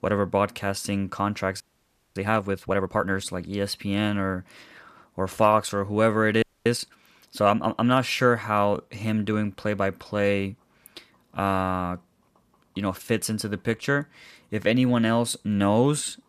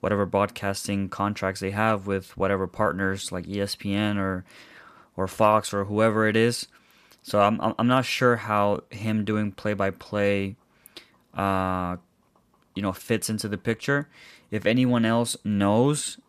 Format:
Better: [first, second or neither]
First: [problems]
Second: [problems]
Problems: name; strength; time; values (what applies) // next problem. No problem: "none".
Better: second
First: audio freezing; at 1.5 s for 0.5 s and at 6.5 s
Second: none